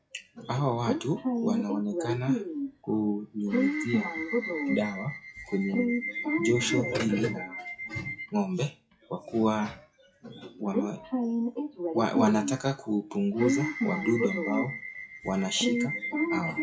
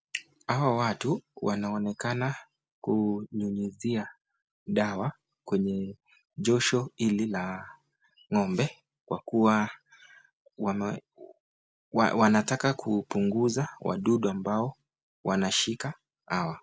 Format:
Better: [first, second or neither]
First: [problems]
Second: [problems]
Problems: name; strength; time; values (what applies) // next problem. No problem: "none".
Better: second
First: noise reduction (classical method WPE with log-MMSE)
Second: none